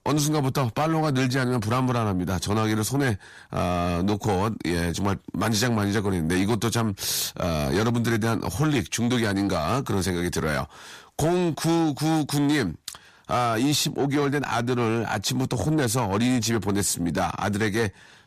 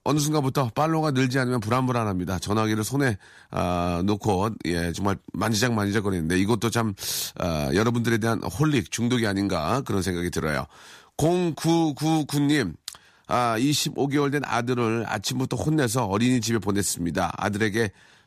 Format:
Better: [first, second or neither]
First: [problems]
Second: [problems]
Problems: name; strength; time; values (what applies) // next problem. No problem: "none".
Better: second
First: distortion; slight; 10 dB below the speech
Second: none